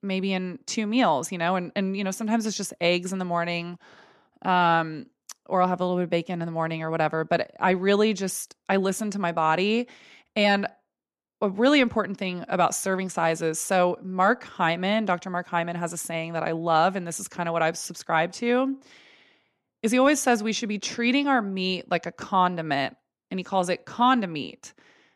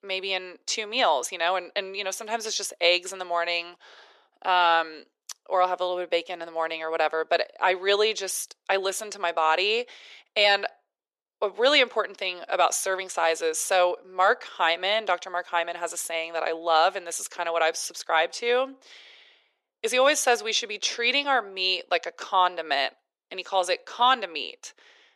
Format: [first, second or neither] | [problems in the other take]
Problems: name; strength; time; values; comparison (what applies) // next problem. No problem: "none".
first | thin; very; fading below 450 Hz